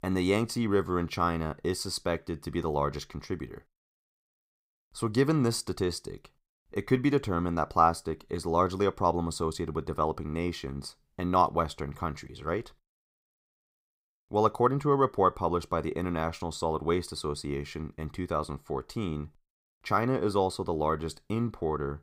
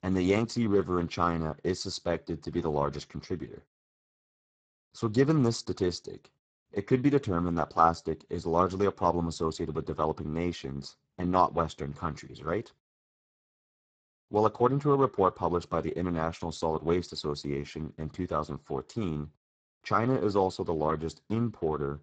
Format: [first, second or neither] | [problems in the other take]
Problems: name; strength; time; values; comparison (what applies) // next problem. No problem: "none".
first | garbled, watery; badly; nothing above 8 kHz